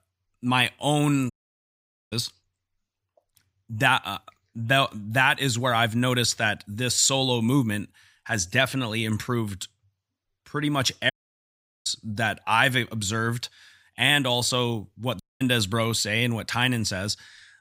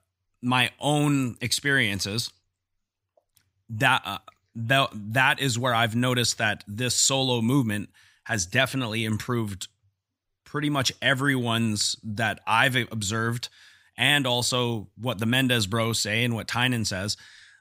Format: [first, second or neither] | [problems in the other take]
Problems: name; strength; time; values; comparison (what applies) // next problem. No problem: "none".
second | audio cutting out; at 1.5 s for 1 s, at 11 s for 1 s and at 15 s